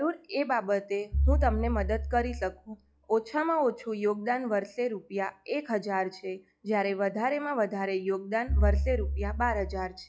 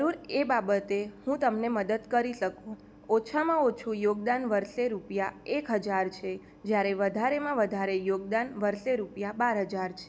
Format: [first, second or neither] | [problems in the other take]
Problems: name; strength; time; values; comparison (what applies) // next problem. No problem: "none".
second | noise reduction (classical method log-MMSE)